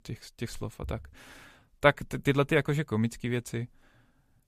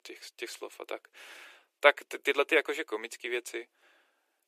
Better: first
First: none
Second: thin; very; fading below 350 Hz

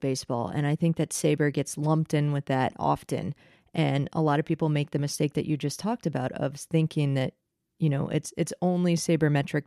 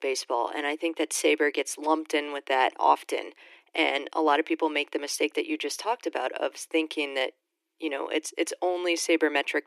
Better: first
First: none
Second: thin; very; fading below 300 Hz

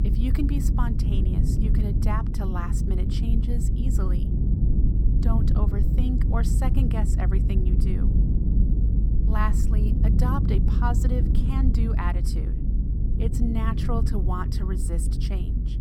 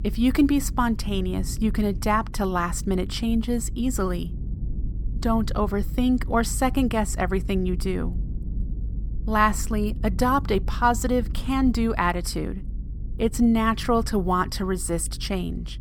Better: second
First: low rumble; loud; throughout; 3 dB below the speech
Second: low rumble; faint; throughout; 20 dB below the speech

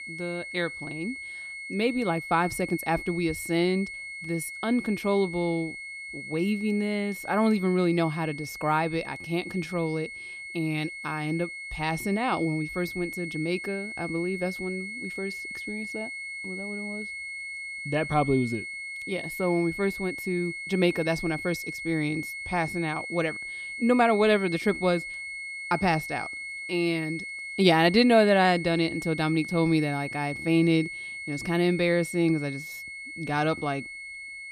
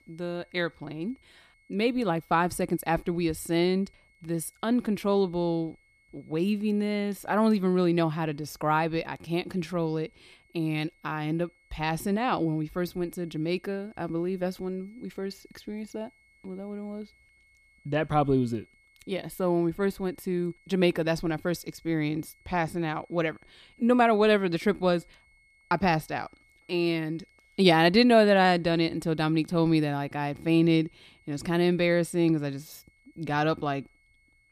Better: second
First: high-pitched whine; loud; throughout; 2 kHz, 8 dB below the speech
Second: high-pitched whine; faint; throughout; 2 kHz, 35 dB below the speech

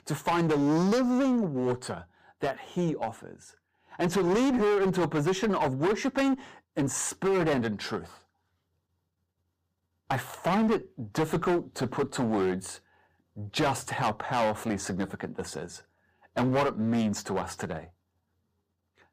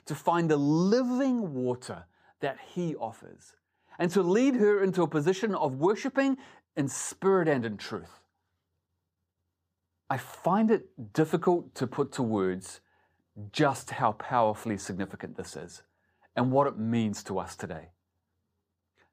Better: second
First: distortion; heavy; 13% of the sound clipped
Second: none

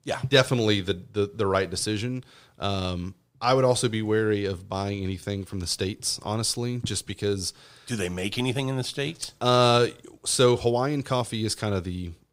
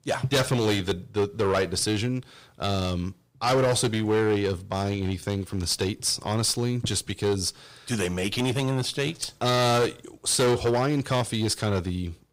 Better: first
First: none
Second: distortion; heavy; 9% of the sound clipped

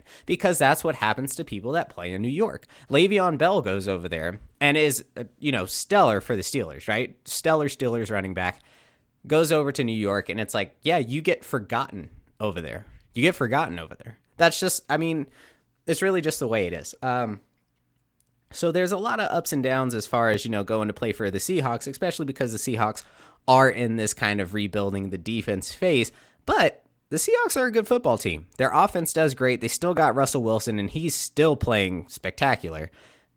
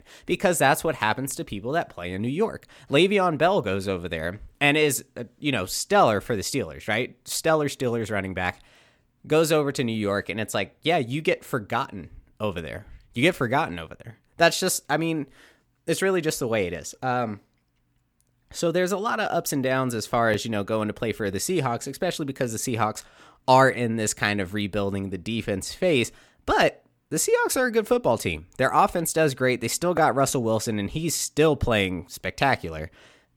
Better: second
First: garbled, watery; slightly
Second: none

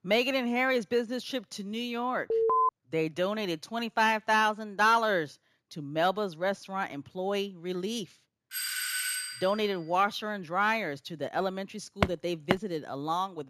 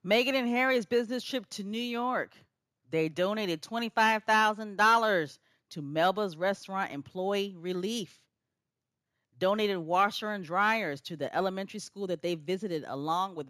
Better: second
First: alarm; loud; at 2.5 s; peak 4 dB above the speech // doorbell; loud; from 8.5 to 9.5 s; peak 1 dB above the speech // footsteps; noticeable; at 12 s; peak 2 dB below the speech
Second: none

